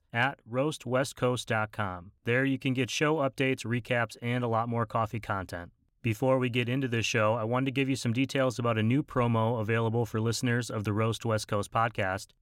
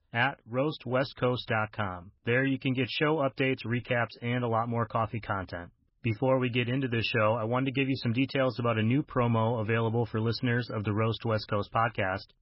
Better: first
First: none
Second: garbled, watery; badly; nothing above 5.5 kHz

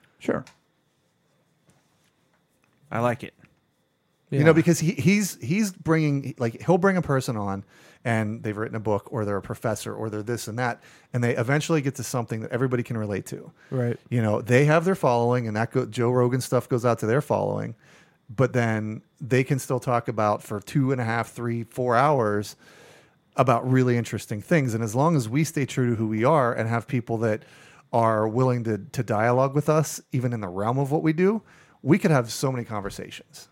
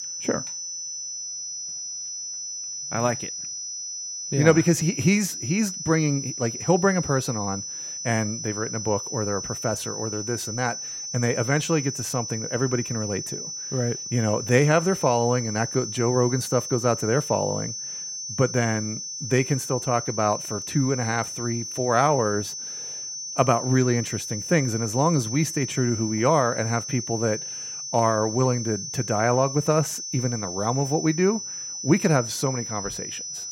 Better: first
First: none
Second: high-pitched whine; loud; throughout; 6 kHz, 6 dB below the speech

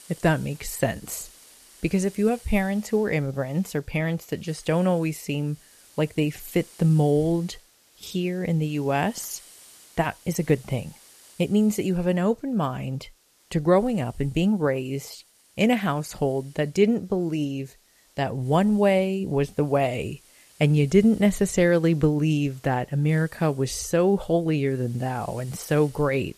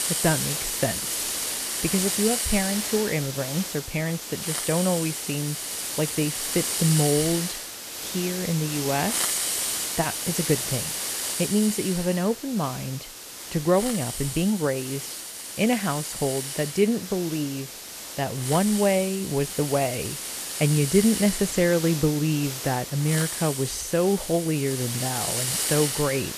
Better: first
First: hiss; faint; throughout; 25 dB below the speech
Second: hiss; loud; throughout; 2 dB below the speech

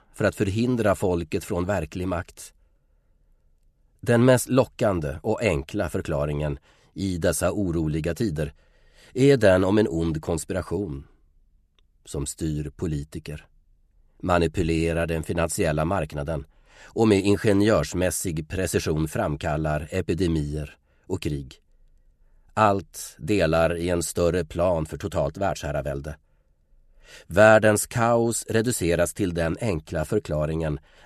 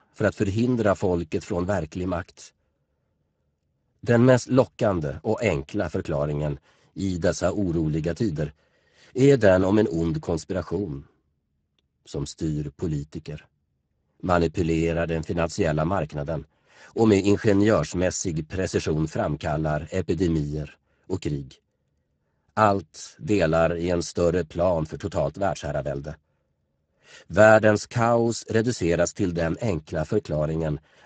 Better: first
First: none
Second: garbled, watery; badly; nothing above 7.5 kHz

